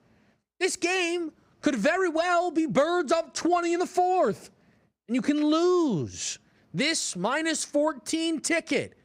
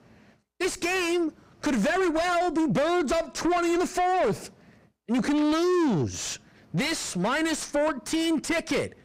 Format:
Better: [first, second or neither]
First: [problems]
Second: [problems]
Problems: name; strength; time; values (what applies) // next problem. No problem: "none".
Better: first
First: none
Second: distortion; heavy; 6 dB below the speech